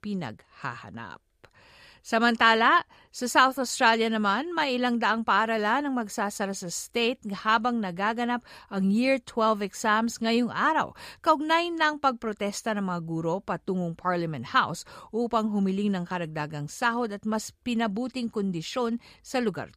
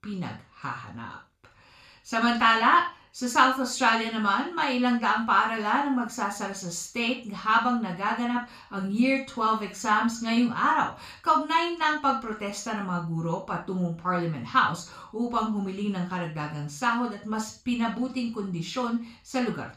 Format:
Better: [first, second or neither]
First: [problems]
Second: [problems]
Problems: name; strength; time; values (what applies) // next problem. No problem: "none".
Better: first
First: none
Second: room echo; slight; dies away in 0.3 s // off-mic speech; somewhat distant